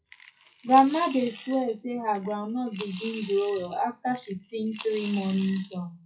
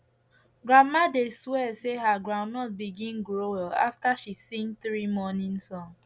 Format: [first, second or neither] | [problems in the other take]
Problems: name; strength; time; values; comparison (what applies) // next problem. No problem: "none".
second | noise reduction (classical method WPE with log-MMSE)